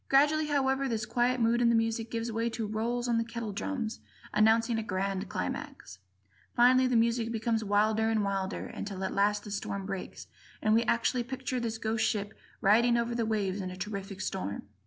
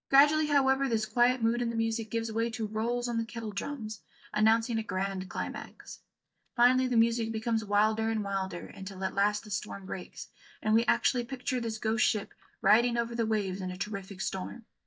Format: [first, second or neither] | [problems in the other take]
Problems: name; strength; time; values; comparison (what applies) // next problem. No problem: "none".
first | noise reduction (neural mask model DeepFilterNet 3)